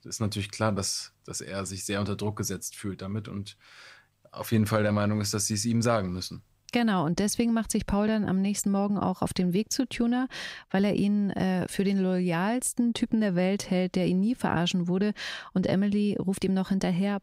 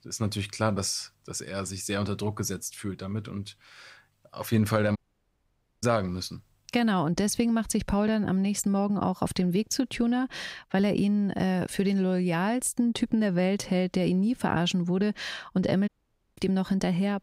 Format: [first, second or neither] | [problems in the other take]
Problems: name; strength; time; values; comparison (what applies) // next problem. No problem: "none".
first | audio cutting out; at 5 s for 1 s and at 16 s